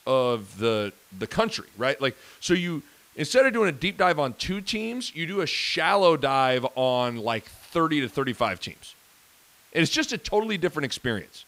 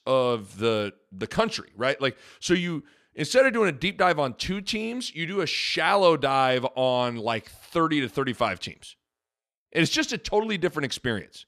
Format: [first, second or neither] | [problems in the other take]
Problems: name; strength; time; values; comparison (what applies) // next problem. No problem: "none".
second | hiss; faint; throughout; 30 dB below the speech